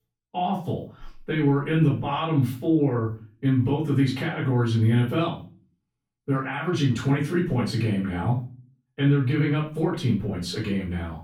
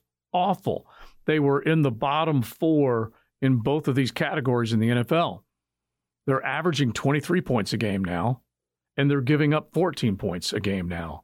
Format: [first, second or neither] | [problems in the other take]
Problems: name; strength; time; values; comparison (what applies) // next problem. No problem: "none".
second | off-mic speech; far // room echo; slight; dies away in 0.3 s